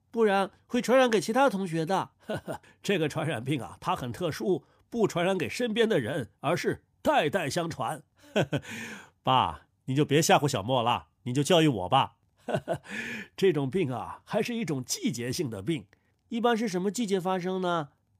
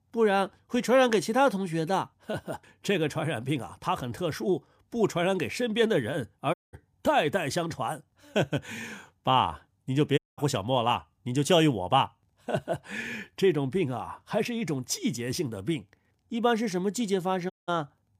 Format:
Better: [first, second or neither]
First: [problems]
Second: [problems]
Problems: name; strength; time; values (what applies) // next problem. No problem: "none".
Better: first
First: none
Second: audio cutting out; at 6.5 s, at 10 s and at 18 s